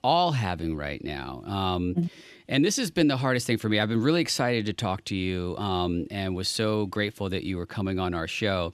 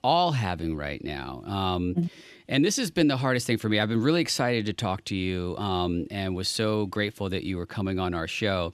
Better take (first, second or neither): neither